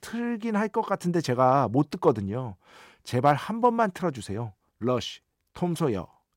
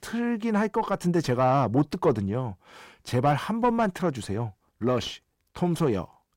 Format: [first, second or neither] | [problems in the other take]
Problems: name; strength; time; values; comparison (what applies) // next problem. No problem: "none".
first | distortion; slight; 9 dB below the speech